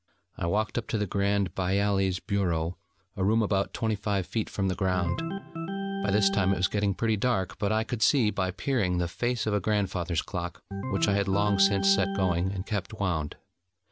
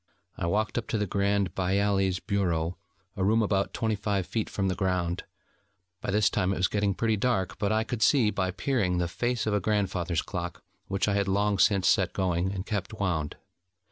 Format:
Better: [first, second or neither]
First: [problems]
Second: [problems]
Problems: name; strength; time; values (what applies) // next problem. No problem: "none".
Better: second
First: background sound (Organ); 6 dB below the speech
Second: none